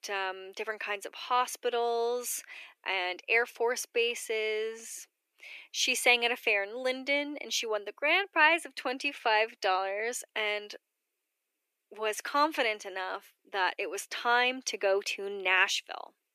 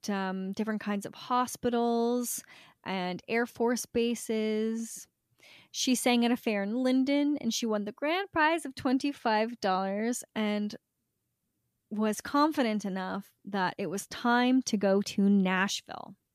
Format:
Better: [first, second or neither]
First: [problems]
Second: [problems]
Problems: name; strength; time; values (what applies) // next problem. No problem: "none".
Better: second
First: thin; very; fading below 350 Hz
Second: none